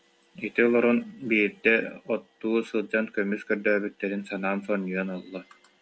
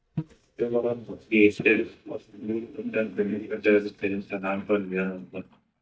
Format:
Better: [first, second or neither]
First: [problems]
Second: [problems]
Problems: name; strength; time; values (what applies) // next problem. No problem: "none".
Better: first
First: none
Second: noise reduction (neural mask model DeepFilterNet 3)